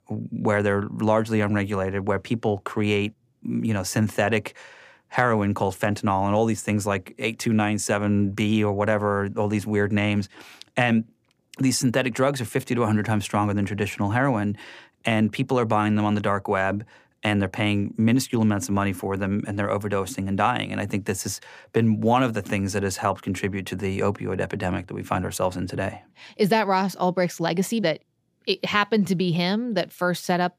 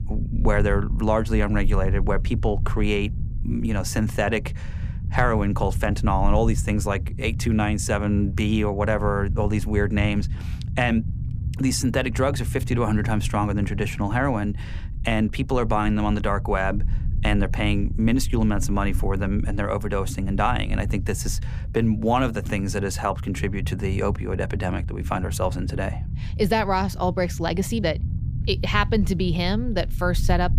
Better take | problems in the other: first | low rumble; noticeable; throughout; 20 dB below the speech

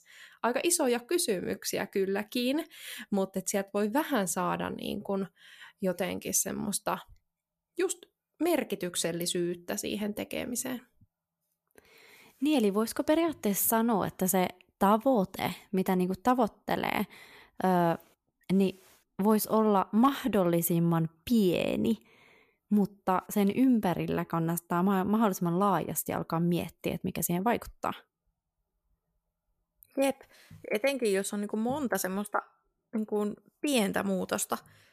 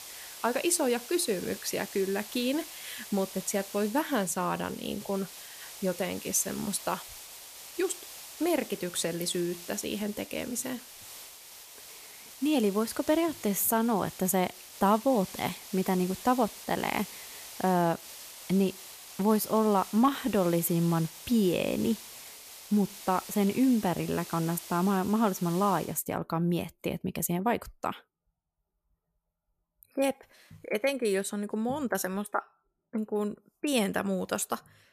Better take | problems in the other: first | hiss; noticeable; until 26 s; 15 dB below the speech

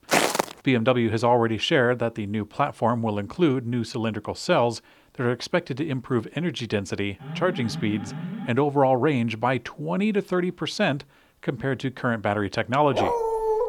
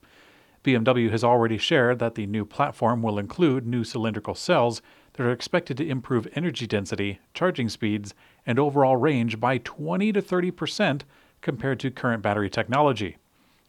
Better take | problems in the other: second | footsteps; loud; at the start; peak 4 dB above the speech // alarm; noticeable; from 7 to 8.5 s; peak 9 dB below the speech // dog barking; loud; at 13 s; peak 1 dB above the speech

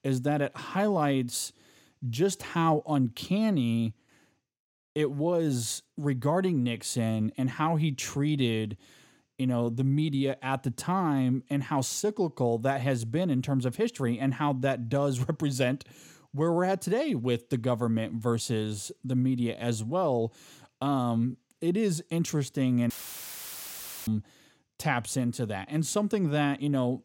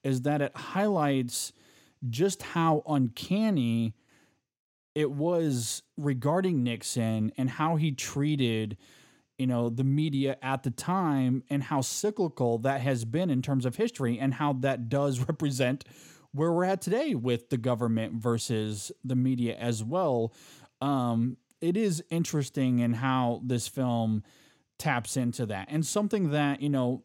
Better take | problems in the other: second | audio cutting out; filled with static; at 23 s for 1 s

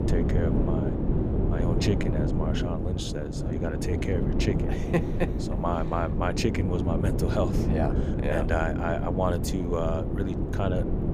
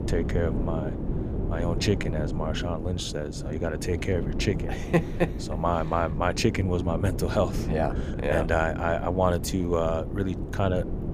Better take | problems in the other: second | wind noise on the microphone; heavy; 3 dB below the speech; occasional gusts in the second

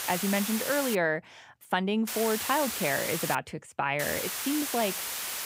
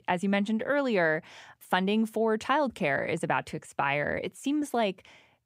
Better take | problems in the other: second | hiss; loud; at the start, from 2 to 3.5 s and from 4 s on; 3 dB below the speech

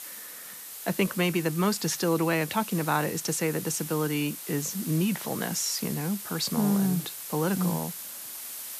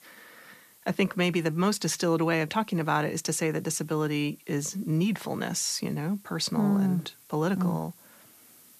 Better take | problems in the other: second | hiss; loud; throughout; 8 dB below the speech; faint in the second

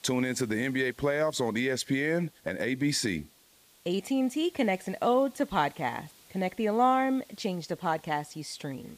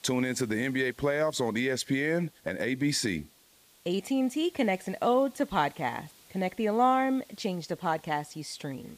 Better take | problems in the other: neither | hiss; faint; throughout; 25 dB below the speech; the same in both

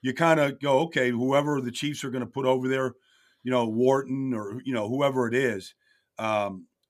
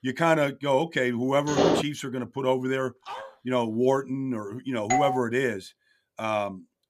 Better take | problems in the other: first | door banging; loud; at 1.5 s; peak 4 dB above the speech // dog barking; faint; at 3 s; peak 10 dB below the speech // doorbell; loud; at 5 s; peak 1 dB above the speech

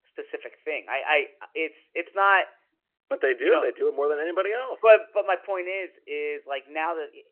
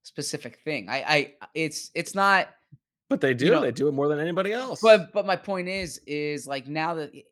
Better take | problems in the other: second | phone-call audio; nothing above 2.5 kHz

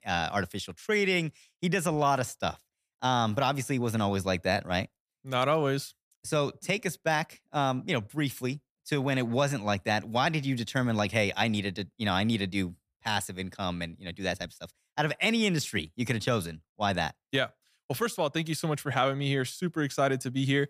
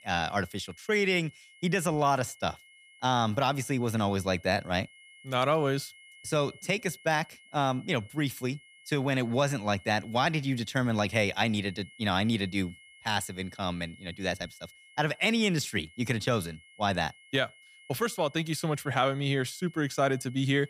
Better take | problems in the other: first | high-pitched whine; faint; throughout; 2 kHz, 25 dB below the speech

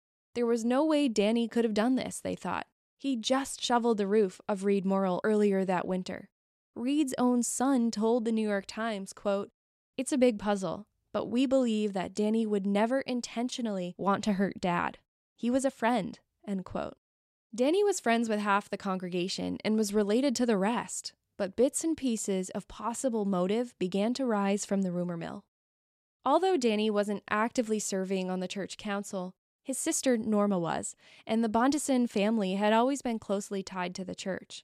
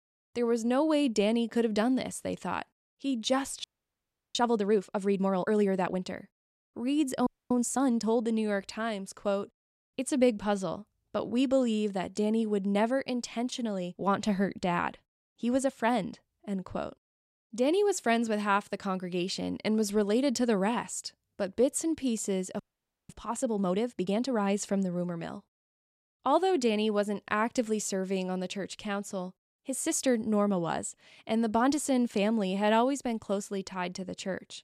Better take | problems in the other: first | audio freezing; at 3.5 s for 0.5 s, at 7.5 s and at 23 s

